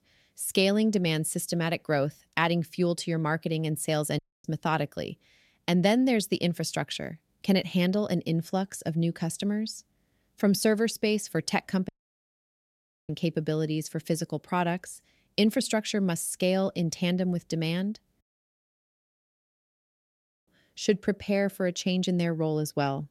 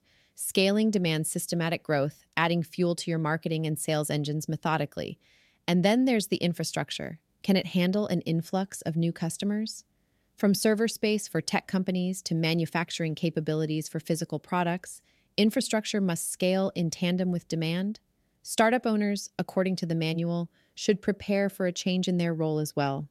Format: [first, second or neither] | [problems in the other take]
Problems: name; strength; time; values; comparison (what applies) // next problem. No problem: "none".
second | audio cutting out; at 4 s, at 12 s for 1 s and at 18 s for 2.5 s